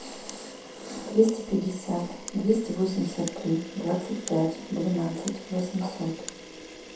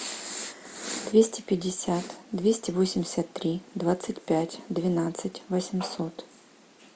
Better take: second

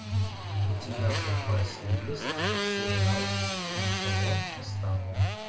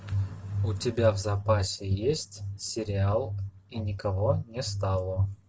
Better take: second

